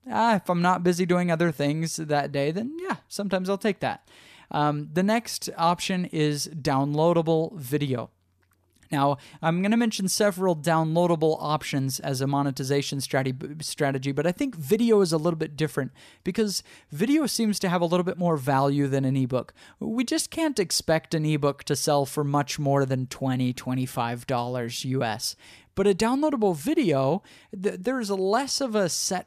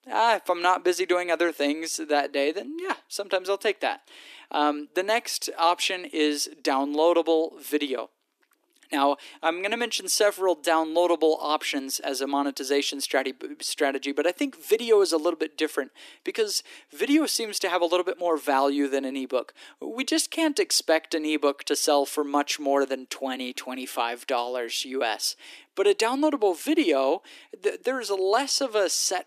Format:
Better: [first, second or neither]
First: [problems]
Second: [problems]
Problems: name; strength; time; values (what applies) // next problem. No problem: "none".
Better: first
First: none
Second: thin; somewhat; fading below 300 Hz